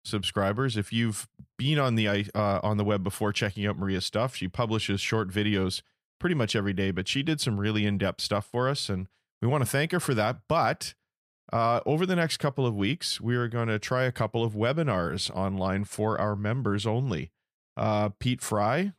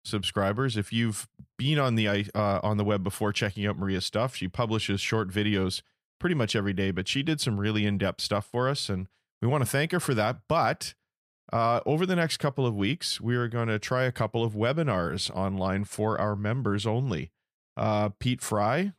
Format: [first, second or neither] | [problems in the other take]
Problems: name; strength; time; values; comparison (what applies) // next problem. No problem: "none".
neither | none